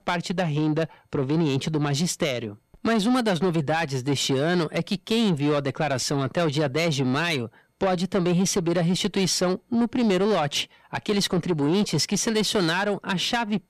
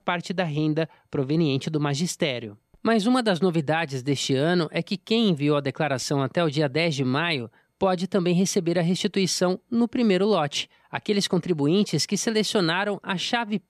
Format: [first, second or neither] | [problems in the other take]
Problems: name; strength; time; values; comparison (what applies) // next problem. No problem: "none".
second | distortion; slight; 10 dB below the speech